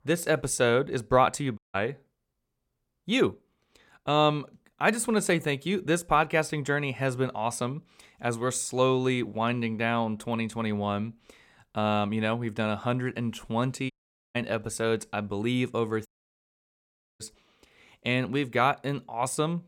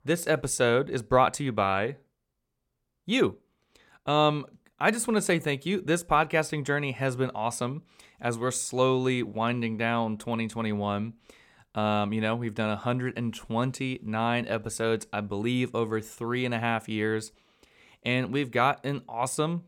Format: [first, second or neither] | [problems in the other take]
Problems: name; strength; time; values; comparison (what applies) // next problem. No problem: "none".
second | audio cutting out; at 1.5 s, at 14 s and at 16 s for 1 s